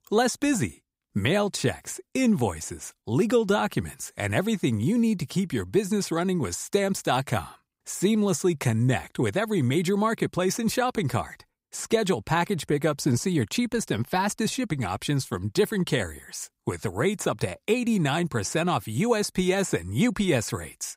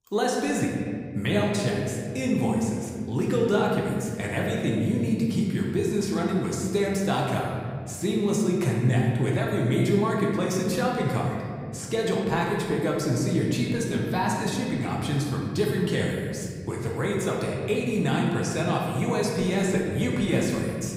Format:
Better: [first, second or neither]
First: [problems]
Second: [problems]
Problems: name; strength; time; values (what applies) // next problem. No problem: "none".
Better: first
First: none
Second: room echo; noticeable; dies away in 2.4 s // off-mic speech; somewhat distant